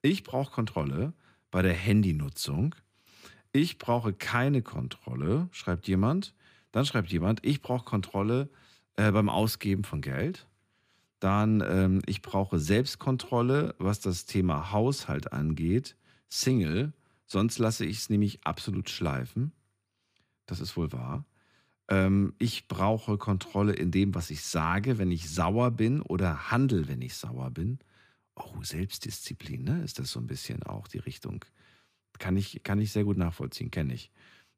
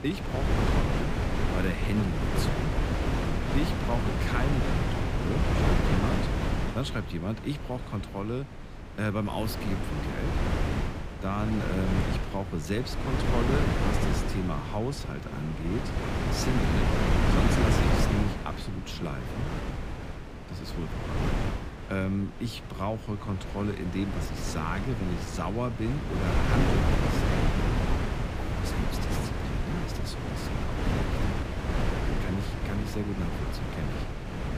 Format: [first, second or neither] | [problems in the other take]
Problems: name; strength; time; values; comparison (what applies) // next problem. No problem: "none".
first | wind noise on the microphone; heavy; 3 dB above the speech